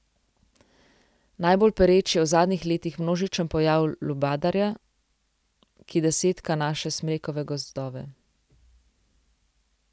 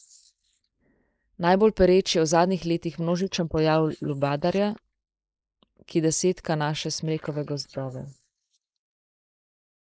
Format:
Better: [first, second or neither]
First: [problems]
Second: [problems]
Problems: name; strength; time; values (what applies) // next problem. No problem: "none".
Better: first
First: none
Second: noise reduction (neural mask model Resemble Enhance denoiser)